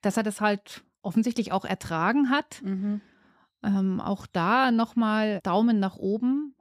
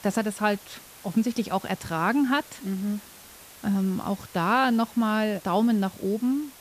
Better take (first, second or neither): first